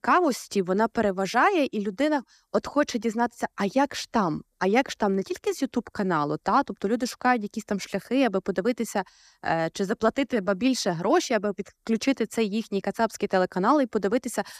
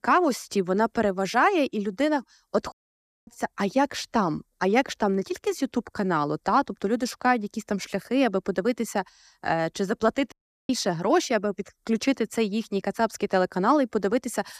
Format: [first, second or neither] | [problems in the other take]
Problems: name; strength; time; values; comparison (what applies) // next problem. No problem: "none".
first | audio cutting out; at 2.5 s for 0.5 s and at 10 s